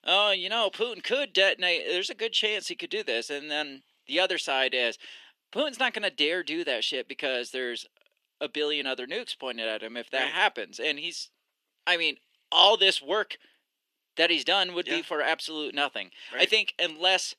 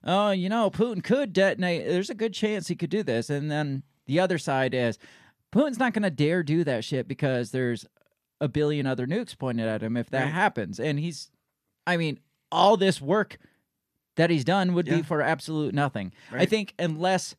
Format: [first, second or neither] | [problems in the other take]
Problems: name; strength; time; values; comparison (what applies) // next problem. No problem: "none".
second | thin; somewhat; fading below 350 Hz